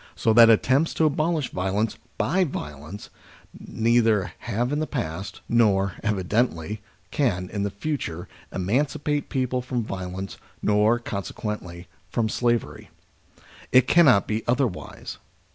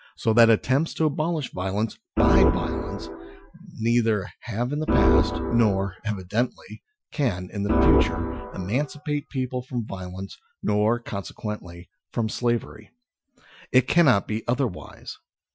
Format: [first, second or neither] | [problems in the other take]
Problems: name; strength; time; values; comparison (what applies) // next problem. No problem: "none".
first | noise reduction (classical method Wiener filter)